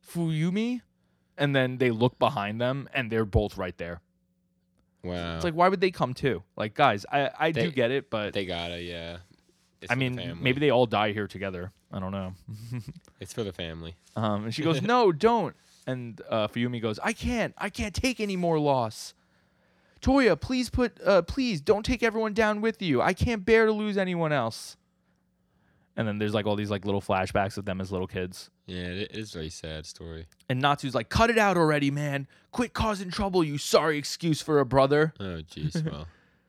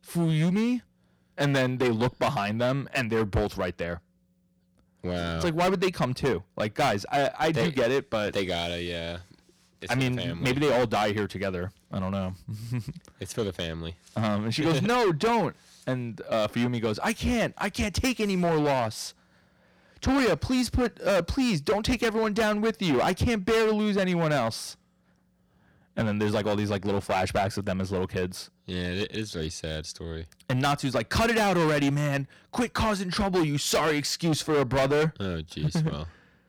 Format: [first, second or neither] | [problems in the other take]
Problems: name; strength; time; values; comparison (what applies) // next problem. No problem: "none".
first | distortion; heavy; 12% of the sound clipped